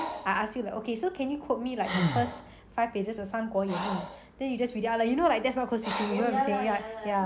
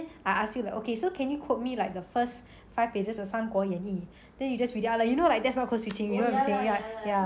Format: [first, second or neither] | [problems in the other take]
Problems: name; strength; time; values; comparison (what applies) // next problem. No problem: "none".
second | background sound (Breathing); 8 dB below the speech